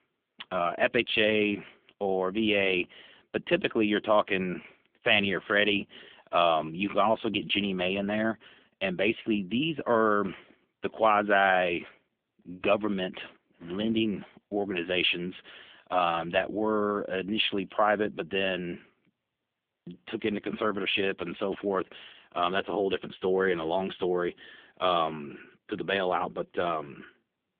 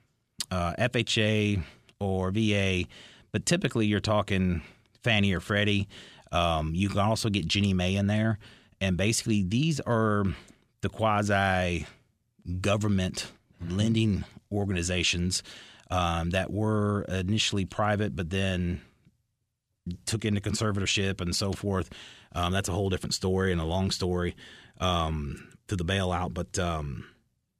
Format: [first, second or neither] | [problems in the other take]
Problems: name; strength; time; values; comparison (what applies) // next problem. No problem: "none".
second | phone-call audio; poor line; nothing above 3.5 kHz